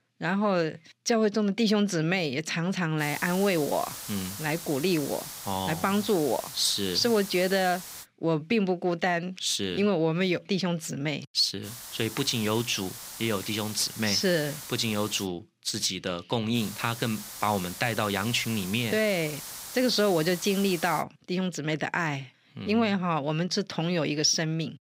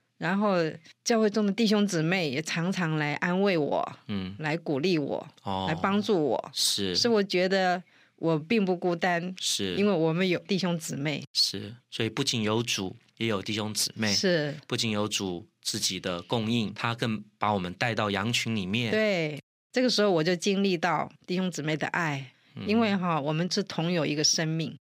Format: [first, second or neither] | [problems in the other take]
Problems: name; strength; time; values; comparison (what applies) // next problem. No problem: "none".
second | hiss; noticeable; from 3 to 8 s, from 12 to 15 s and from 17 to 21 s; 10 dB below the speech